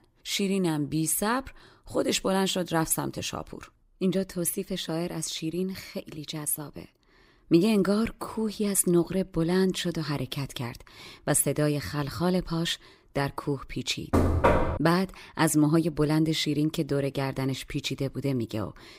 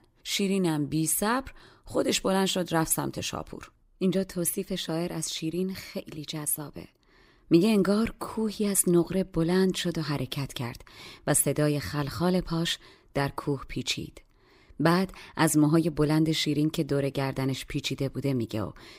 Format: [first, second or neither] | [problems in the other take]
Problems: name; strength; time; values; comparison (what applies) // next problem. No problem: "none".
second | door banging; loud; at 14 s; peak 5 dB above the speech